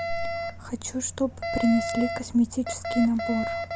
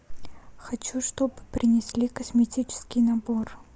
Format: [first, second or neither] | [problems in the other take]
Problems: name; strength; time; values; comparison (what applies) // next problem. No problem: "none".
second | background sound (Alarm); 5 dB below the speech